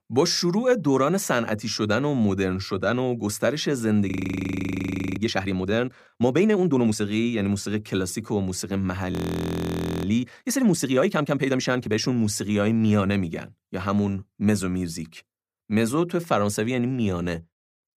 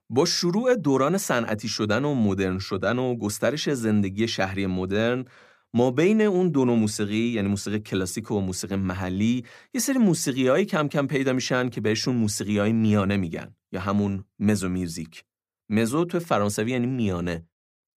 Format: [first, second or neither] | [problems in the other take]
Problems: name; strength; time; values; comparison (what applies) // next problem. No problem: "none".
second | audio freezing; at 4 s for 1 s and at 9 s for 1 s